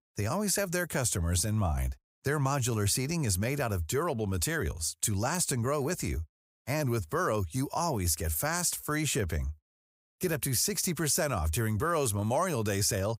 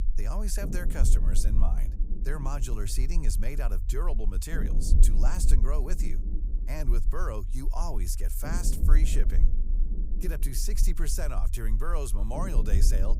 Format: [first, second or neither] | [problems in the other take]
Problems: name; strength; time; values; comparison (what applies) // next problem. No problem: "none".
first | low rumble; loud; throughout; 10 dB below the speech